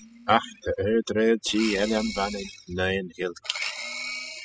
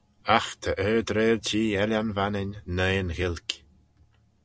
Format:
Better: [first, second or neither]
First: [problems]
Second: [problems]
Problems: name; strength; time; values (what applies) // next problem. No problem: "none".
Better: second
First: noise reduction (classical method spectral subtraction)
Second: none